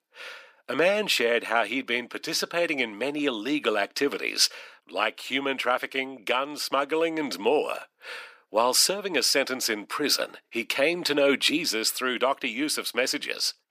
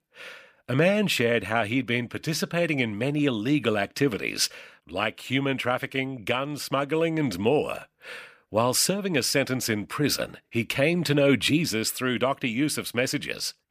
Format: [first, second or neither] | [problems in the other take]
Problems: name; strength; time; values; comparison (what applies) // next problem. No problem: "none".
second | thin; somewhat; fading below 300 Hz